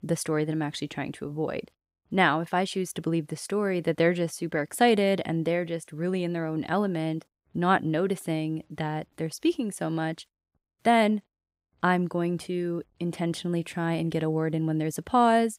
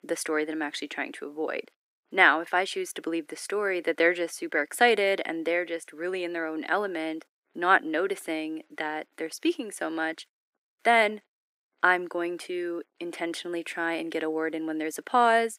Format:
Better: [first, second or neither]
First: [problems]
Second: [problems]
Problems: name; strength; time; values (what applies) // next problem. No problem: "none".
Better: first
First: none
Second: thin; very; fading below 300 Hz